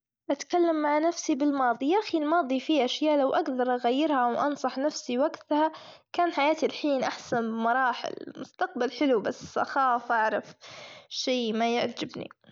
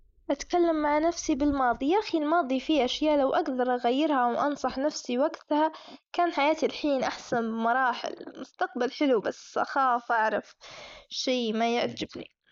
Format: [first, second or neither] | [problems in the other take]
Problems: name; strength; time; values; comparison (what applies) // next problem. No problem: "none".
first | noise reduction (neural mask model Resemble Enhance denoiser)